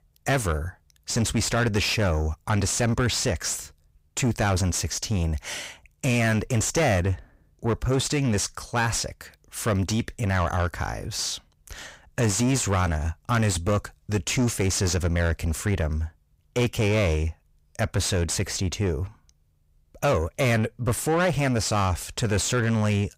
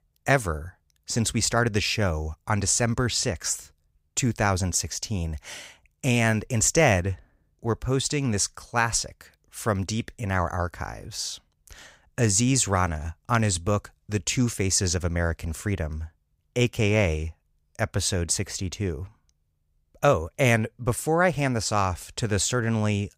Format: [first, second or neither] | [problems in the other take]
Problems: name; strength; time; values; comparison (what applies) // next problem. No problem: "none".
second | distortion; heavy; 7 dB below the speech